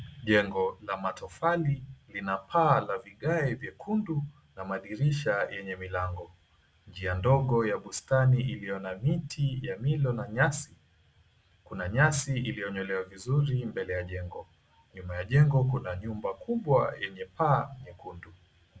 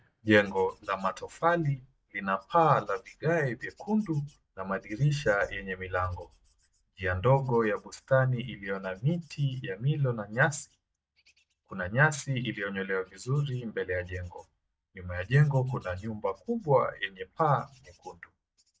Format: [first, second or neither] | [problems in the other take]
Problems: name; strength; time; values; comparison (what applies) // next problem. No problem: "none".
first | noise reduction (neural mask model DeepFilterNet 3)